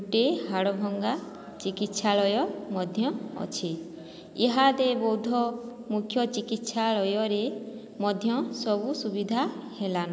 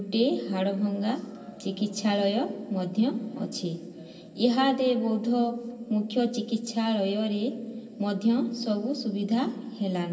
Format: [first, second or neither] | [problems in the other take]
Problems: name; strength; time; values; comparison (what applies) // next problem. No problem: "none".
first | room echo; dies away in 0.2 s